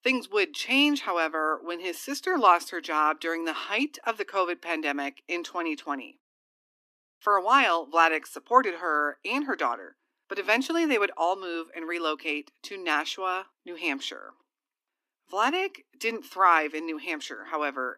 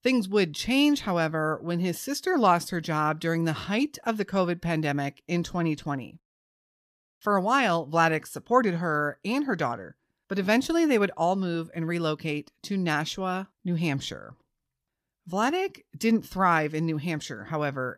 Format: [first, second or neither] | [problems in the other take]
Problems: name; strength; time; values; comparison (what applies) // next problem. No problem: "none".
second | thin; somewhat; fading below 250 Hz